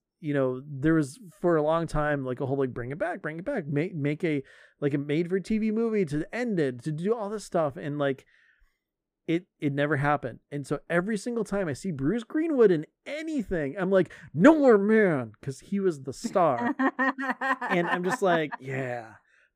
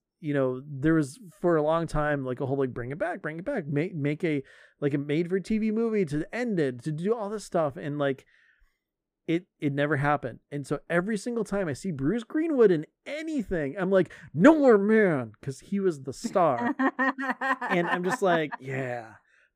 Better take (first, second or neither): neither